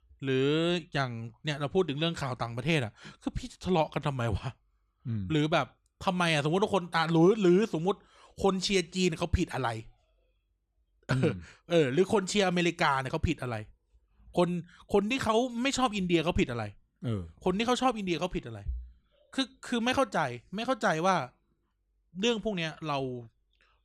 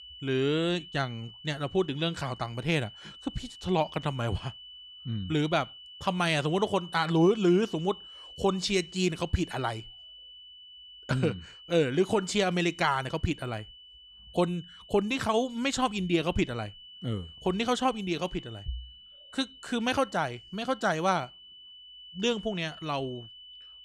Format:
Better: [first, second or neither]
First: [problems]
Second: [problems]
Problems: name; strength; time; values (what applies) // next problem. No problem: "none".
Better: first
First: none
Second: high-pitched whine; noticeable; throughout; 3 kHz, 15 dB below the speech